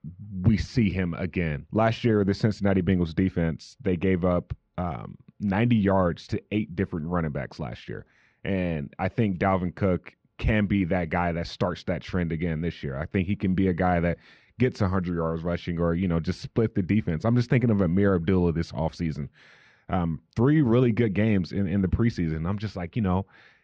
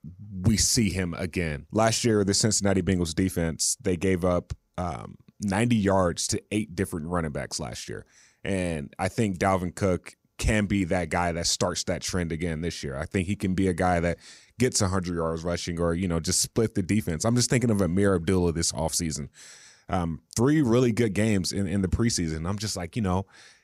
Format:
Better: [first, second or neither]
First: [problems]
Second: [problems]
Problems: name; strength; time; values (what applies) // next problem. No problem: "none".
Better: second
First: muffled; very; fading above 3.5 kHz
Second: none